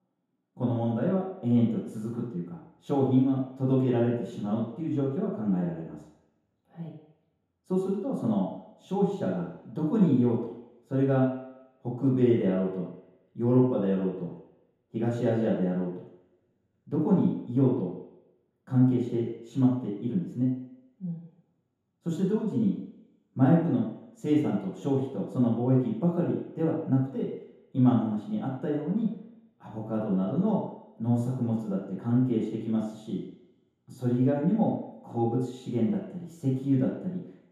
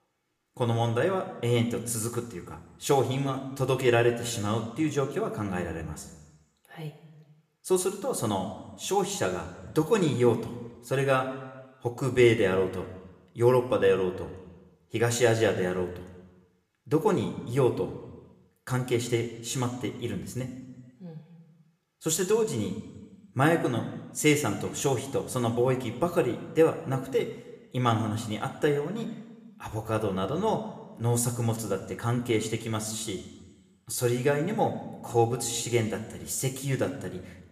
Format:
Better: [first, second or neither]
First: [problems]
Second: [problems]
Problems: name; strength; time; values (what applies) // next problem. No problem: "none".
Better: second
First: room echo; strong; dies away in 0.8 s // off-mic speech; far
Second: room echo; slight; dies away in 1 s